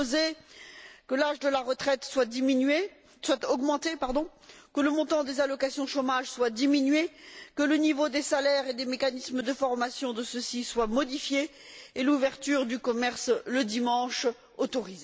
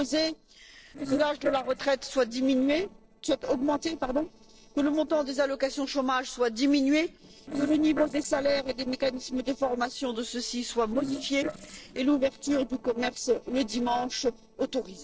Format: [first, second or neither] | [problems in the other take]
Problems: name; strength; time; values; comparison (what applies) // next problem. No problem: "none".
first | noise reduction (neural separator model SepFormer DNS4)